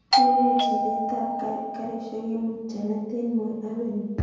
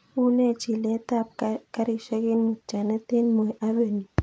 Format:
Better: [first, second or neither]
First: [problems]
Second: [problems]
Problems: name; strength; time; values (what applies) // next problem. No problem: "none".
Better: second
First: background sound (Doorbell); 4 dB above the speech // room echo; dies away in 1.2 s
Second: none